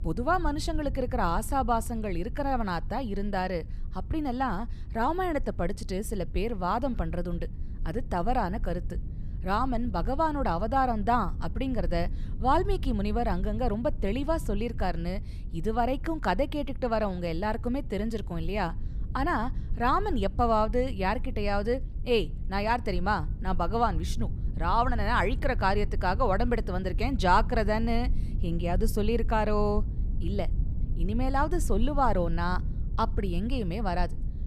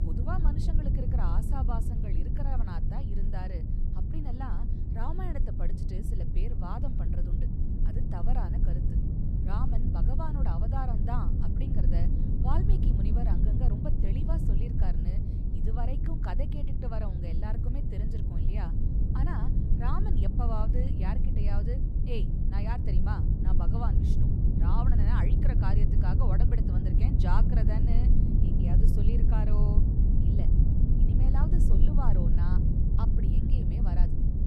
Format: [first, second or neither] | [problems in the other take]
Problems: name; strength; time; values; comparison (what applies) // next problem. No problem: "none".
first | low rumble; loud; throughout; as loud as the speech; faint in the first